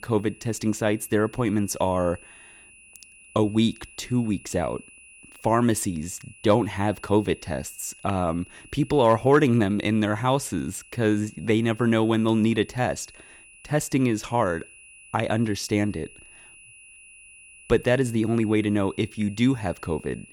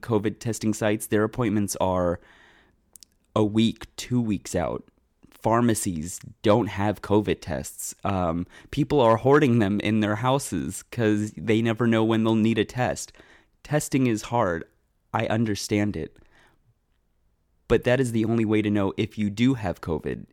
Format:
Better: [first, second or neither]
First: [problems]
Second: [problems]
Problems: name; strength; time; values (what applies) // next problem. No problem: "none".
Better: second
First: high-pitched whine; faint; throughout; 2.5 kHz, 25 dB below the speech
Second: none